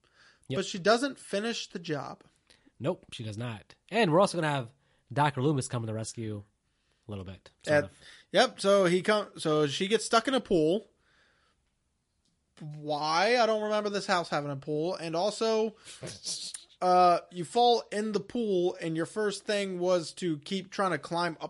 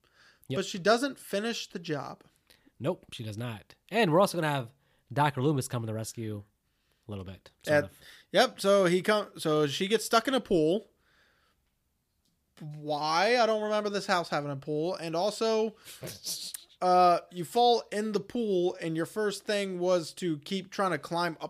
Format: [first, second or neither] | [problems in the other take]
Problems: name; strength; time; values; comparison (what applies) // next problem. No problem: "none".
second | garbled, watery; slightly; nothing above 11 kHz